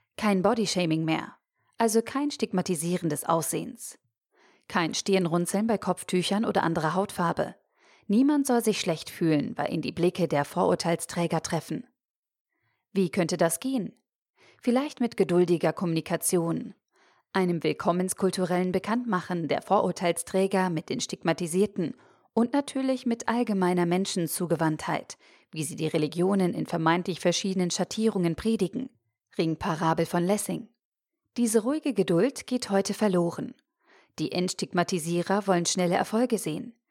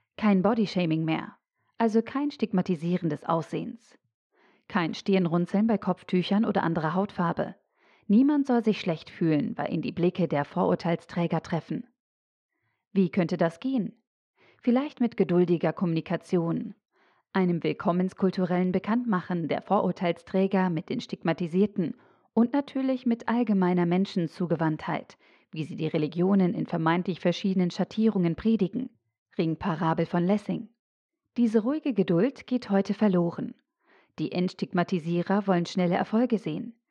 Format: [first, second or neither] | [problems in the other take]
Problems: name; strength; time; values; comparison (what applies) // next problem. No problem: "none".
first | muffled; slightly; fading above 3.5 kHz